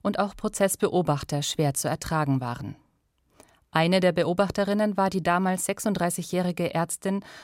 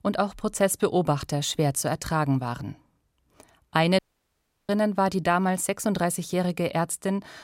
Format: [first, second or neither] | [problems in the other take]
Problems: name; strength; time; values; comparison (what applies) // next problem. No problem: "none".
first | audio cutting out; at 4 s for 0.5 s